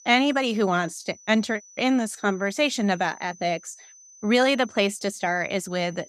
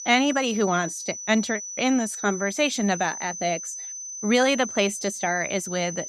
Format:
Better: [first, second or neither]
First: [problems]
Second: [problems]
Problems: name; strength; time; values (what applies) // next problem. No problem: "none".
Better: first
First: high-pitched whine; faint; throughout; 6 kHz, 25 dB below the speech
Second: high-pitched whine; loud; throughout; 6 kHz, 8 dB below the speech